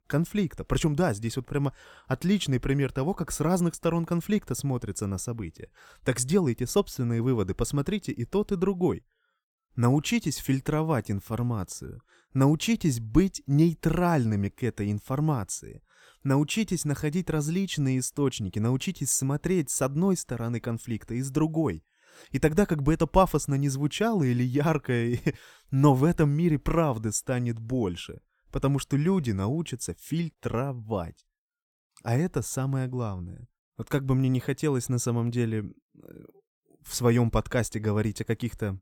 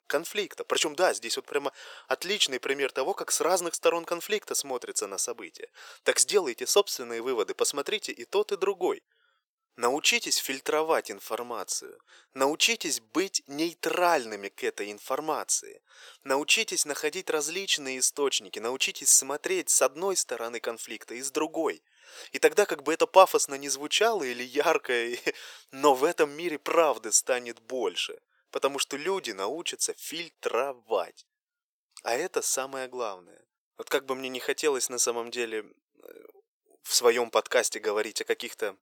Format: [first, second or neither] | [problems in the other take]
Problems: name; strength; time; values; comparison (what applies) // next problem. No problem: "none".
first | thin; very; fading below 450 Hz